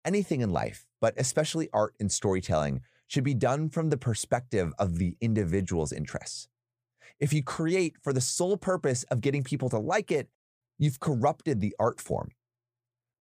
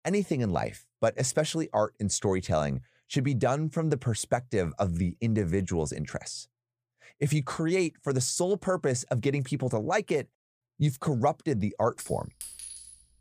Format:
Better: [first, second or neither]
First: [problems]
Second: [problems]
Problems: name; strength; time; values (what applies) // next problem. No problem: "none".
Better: first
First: none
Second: clattering dishes; noticeable; at 12 s; peak 10 dB below the speech